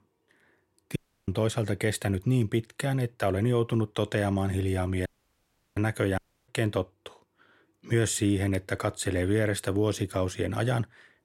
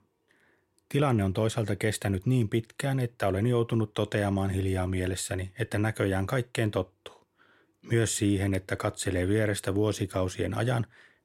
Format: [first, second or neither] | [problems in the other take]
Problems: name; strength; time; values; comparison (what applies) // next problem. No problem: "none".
second | audio cutting out; at 1 s, at 5 s for 0.5 s and at 6 s